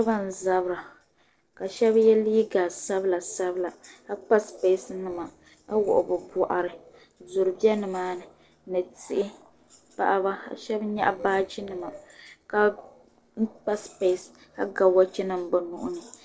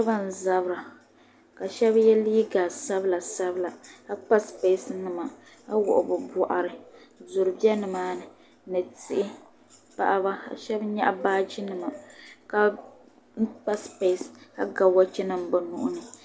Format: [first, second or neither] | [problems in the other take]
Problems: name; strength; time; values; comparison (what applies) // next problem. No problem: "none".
second | noise reduction (neural separator model SepFormer DNS4)